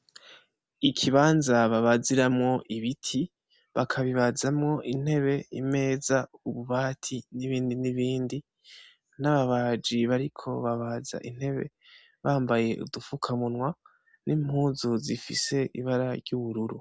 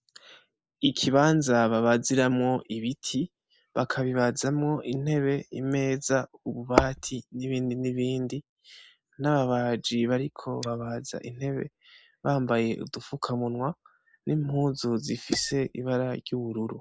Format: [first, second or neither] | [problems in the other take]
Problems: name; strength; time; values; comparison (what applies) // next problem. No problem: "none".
first | noise reduction (neural mask model Resemble Enhance denoiser)